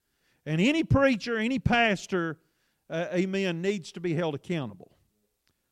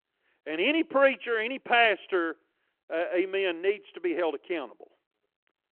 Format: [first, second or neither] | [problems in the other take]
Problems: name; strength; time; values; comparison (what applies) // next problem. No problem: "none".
first | phone-call audio